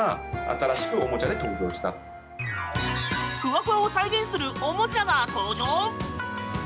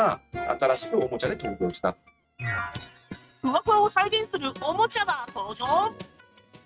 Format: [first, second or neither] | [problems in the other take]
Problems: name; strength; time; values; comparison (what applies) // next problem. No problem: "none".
first | noise reduction (neural mask model RNNoise)